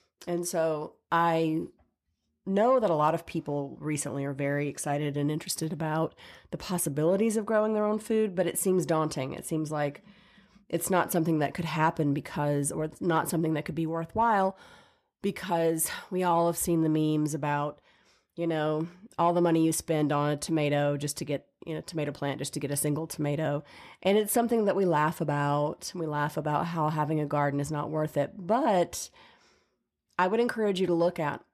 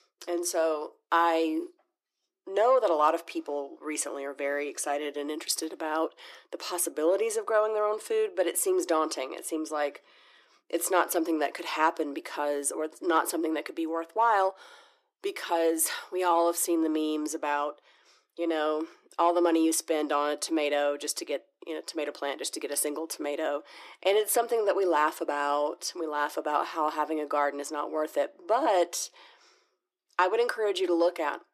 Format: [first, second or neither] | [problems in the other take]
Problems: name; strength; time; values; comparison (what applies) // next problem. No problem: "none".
first | thin; very; fading below 300 Hz